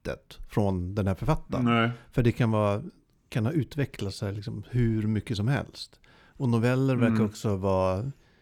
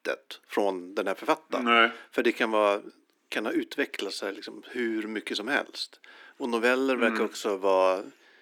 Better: first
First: none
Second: thin; somewhat; fading below 300 Hz

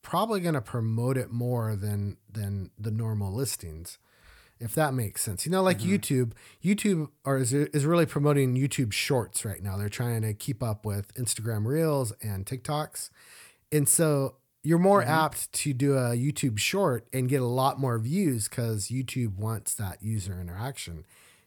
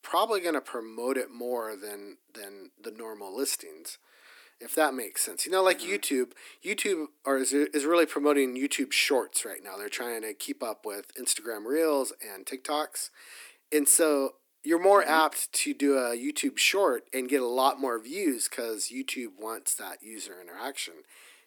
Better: first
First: none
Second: thin; somewhat; fading below 250 Hz

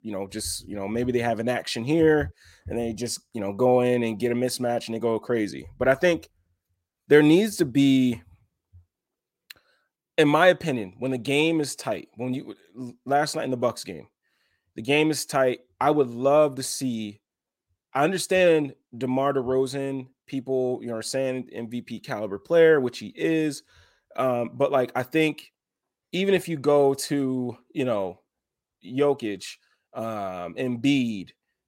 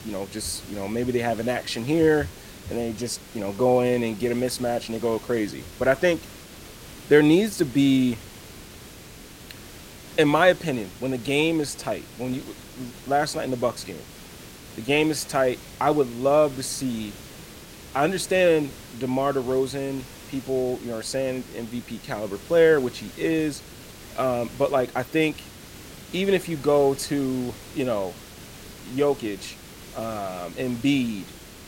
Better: first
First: none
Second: hiss; noticeable; throughout; 20 dB below the speech

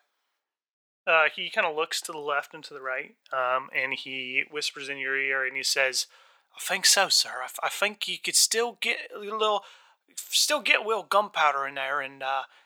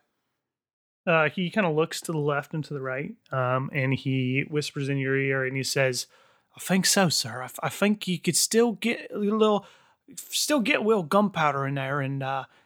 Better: second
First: thin; very; fading below 750 Hz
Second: none

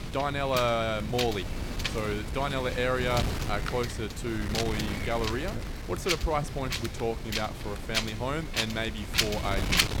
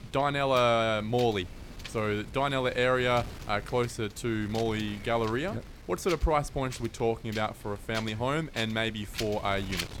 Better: second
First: wind noise on the microphone; heavy; 2 dB below the speech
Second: wind noise on the microphone; occasional gusts; 15 dB below the speech

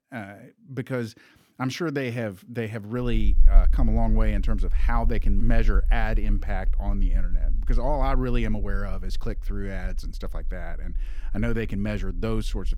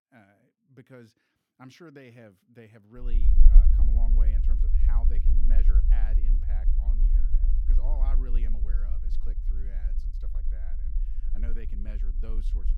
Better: first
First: low rumble; faint; from 3 s on; 20 dB below the speech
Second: low rumble; loud; from 3 s on; 1 dB below the speech

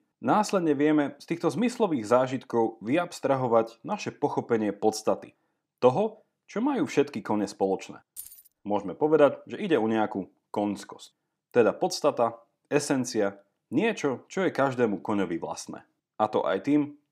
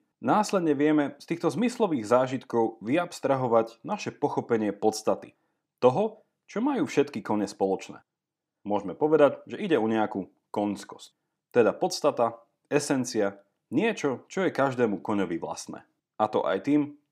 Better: second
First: jangling keys; faint; at 8 s; peak 15 dB below the speech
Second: none

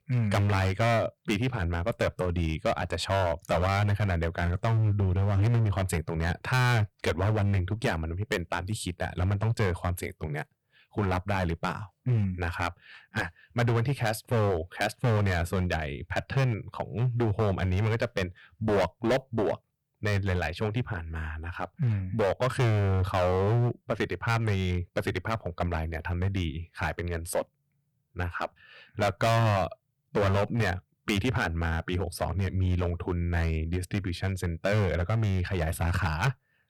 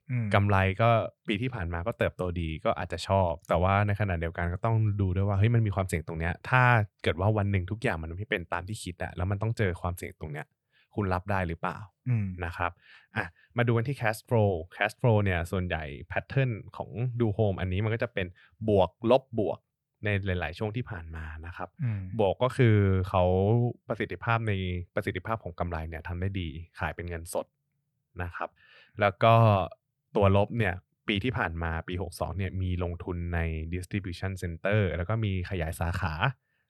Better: second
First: distortion; heavy; 11% of the sound clipped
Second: none

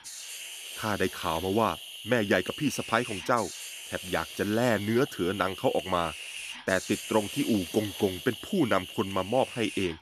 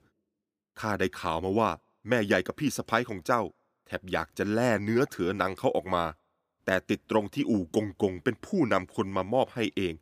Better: second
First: hiss; loud; throughout; 10 dB below the speech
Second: none

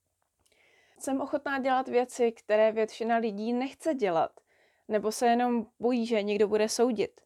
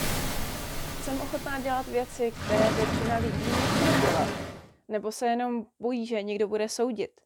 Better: first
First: none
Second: rain or running water; very loud; until 4.5 s; 1 dB above the speech

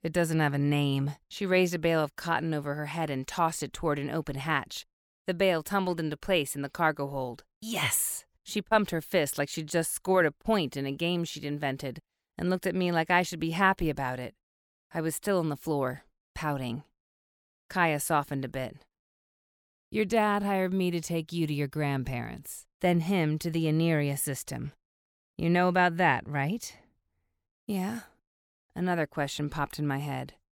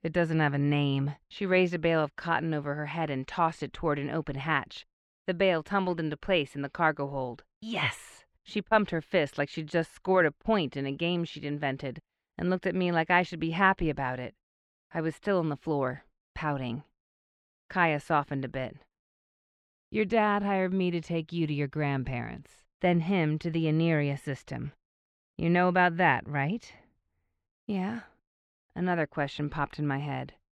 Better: first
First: none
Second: muffled; slightly; fading above 2.5 kHz

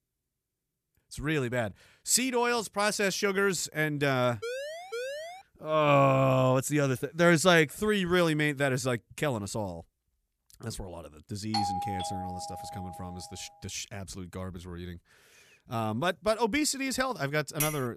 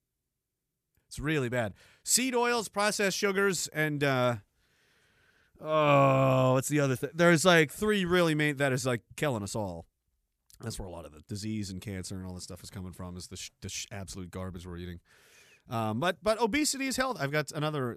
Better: second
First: siren; noticeable; at 4.5 s; peak 9 dB below the speech // doorbell; noticeable; from 12 to 13 s; peak 3 dB below the speech // clattering dishes; very faint; at 17 s; peak 5 dB below the speech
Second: none

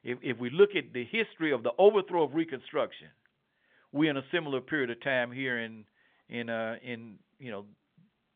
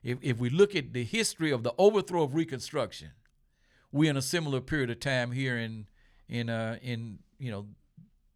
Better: second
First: phone-call audio; nothing above 3.5 kHz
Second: none

